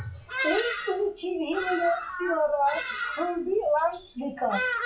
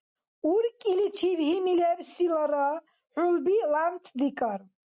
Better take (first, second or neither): second